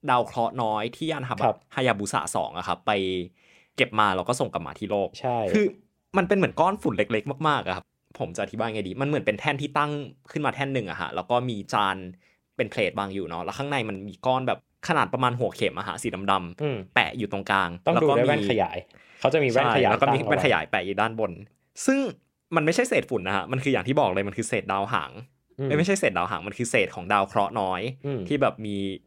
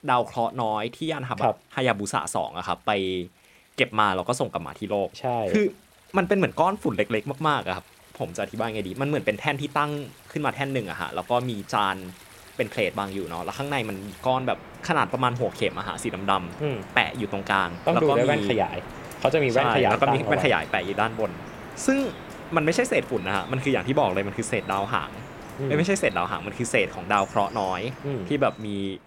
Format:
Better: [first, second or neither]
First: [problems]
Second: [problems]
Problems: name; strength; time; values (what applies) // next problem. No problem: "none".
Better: first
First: none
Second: rain or running water; noticeable; throughout; 15 dB below the speech